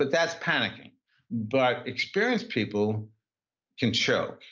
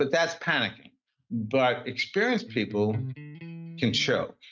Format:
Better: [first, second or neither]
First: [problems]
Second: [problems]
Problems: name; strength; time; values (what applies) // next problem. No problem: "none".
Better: first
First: none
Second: noise reduction (neural mask model RNNoise)